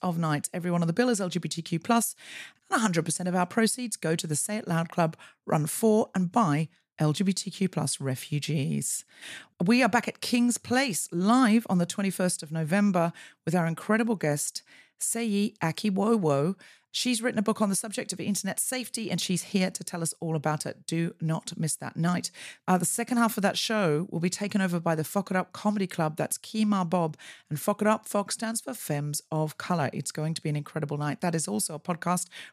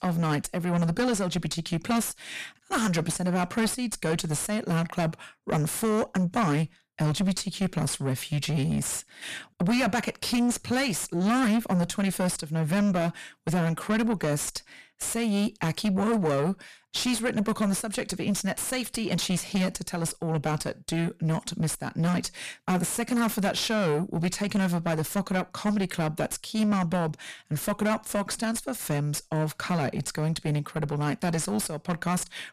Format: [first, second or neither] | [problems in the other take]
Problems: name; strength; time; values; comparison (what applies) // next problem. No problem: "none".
first | distortion; heavy; 6 dB below the speech